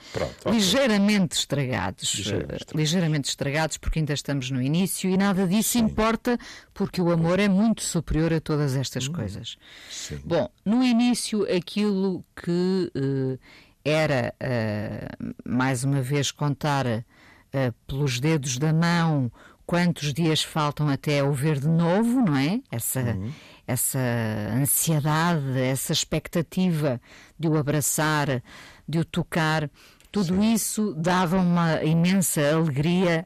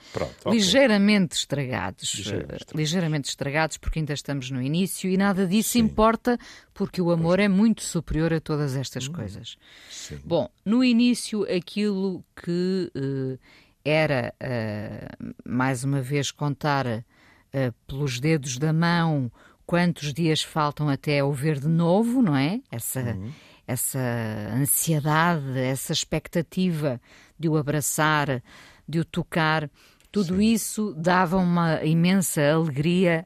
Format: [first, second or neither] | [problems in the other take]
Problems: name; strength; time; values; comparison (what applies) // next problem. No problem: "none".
second | distortion; slight; 10 dB below the speech